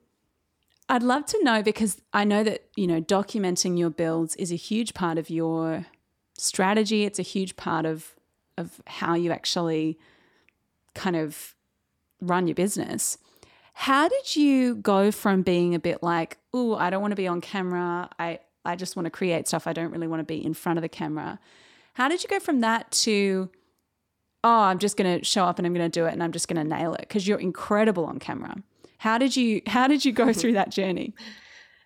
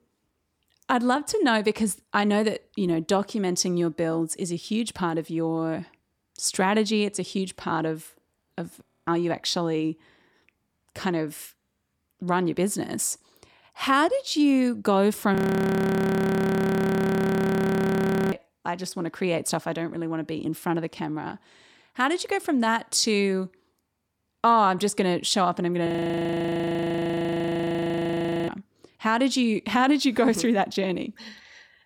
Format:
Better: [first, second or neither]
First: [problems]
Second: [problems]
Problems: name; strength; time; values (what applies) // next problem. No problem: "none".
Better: first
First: none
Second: audio freezing; at 9 s, at 15 s for 3 s and at 26 s for 2.5 s